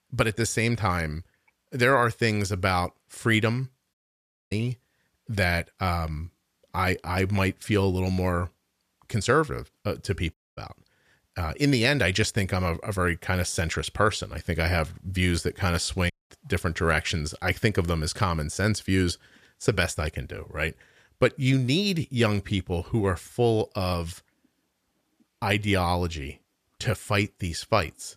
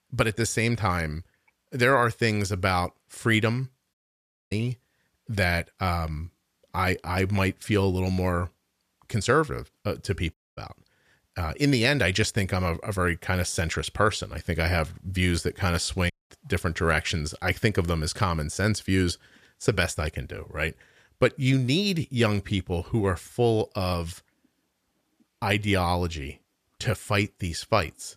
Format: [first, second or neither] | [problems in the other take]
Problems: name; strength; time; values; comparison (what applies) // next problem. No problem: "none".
neither | audio cutting out; at 4 s for 0.5 s, at 10 s and at 16 s; the same in both